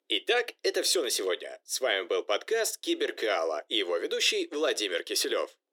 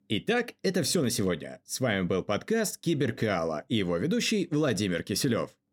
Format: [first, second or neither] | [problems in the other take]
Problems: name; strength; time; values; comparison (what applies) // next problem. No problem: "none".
second | thin; very; fading below 350 Hz